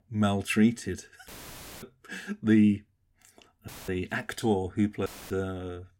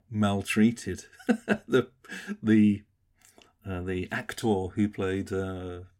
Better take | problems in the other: second | audio cutting out; filled with static; at 1.5 s for 0.5 s, at 3.5 s and at 5 s

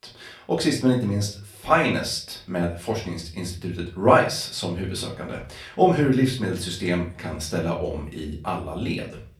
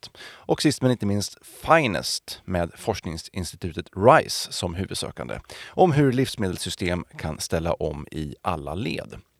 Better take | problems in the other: second | room echo; slight; dies away in 0.3 s // off-mic speech; far

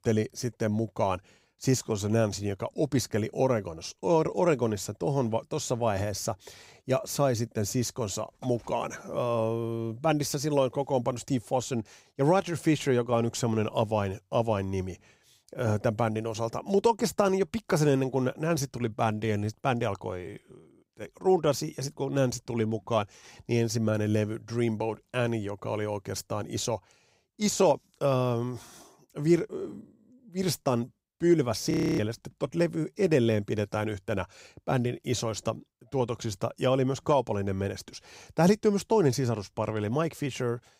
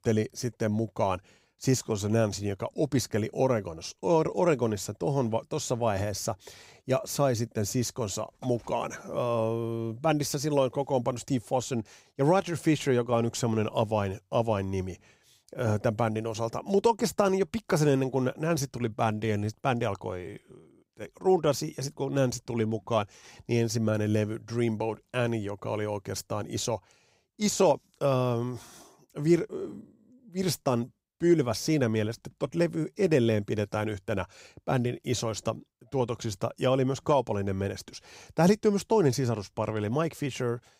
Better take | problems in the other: second | audio freezing; at 32 s

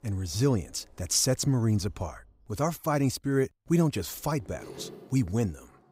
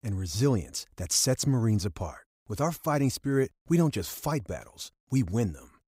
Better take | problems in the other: second | household noises; faint; throughout; 25 dB below the speech

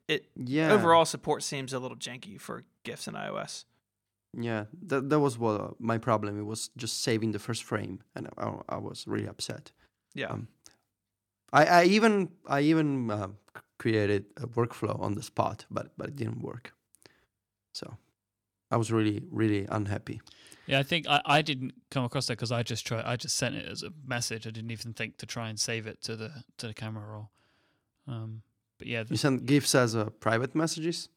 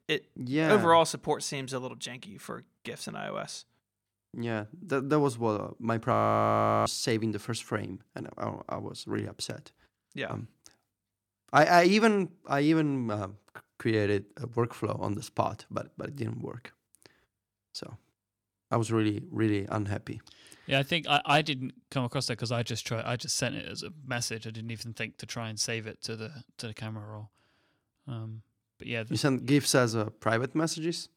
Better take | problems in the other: first | audio freezing; at 6 s for 0.5 s

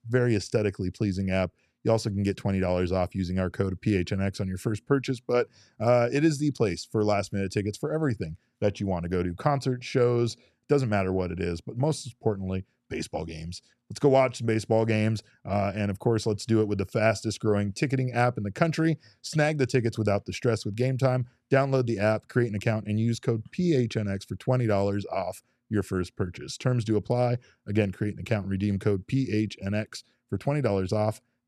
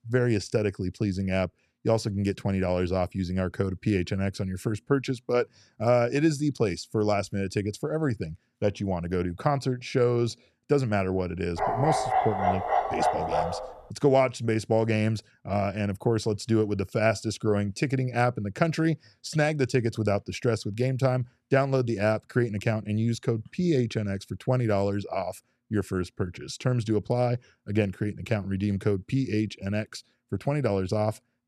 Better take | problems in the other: first | dog barking; loud; from 12 to 14 s; peak 2 dB above the speech

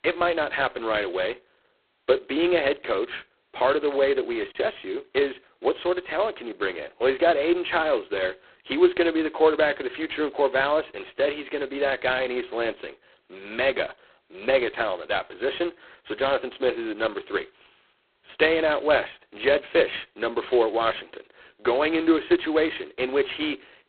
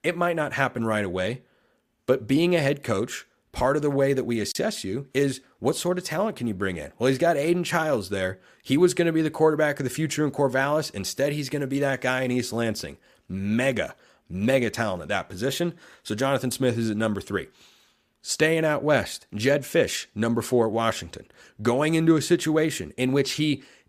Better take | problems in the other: second | phone-call audio; poor line; nothing above 4 kHz

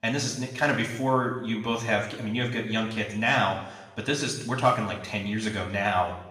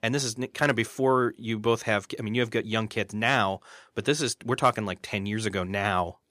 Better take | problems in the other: second | room echo; noticeable; dies away in 0.9 s // off-mic speech; far

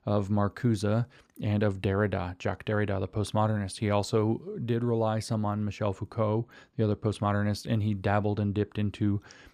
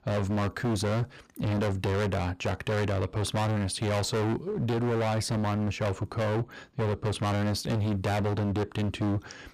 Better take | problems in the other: first | distortion; heavy; 35% of the sound clipped

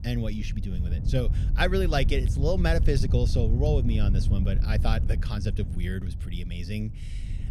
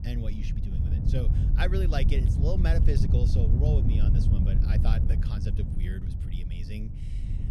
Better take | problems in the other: first | wind noise on the microphone; heavy; 3 dB below the speech; occasional gusts in the first

